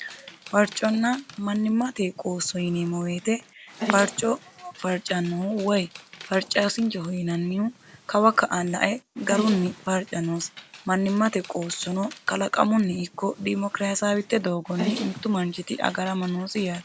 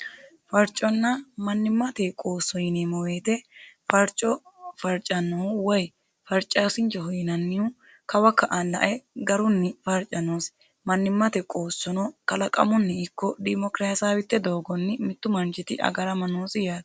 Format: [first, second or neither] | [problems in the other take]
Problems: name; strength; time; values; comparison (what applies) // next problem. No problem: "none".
second | background sound (Dog); 15 dB below the speech